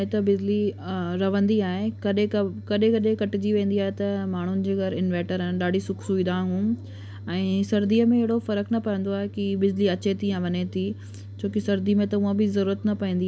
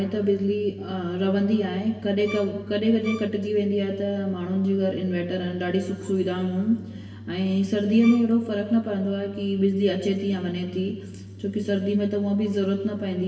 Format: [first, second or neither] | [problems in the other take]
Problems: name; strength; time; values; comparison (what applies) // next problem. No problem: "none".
first | background sound (Bowed string instrument); 17 dB below the speech // room echo; dies away in 1.4 s